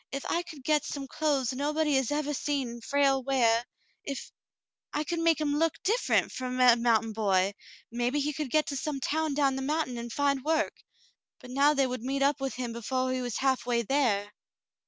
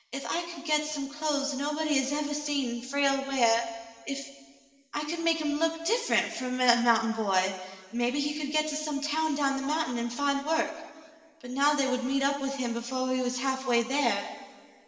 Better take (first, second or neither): first